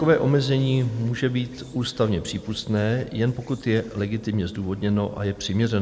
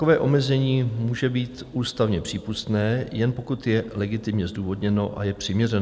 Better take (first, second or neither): second